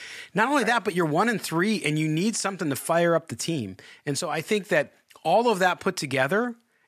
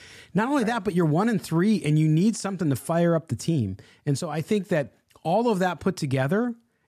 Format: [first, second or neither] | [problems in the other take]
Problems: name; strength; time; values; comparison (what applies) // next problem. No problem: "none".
second | thin; somewhat; fading below 600 Hz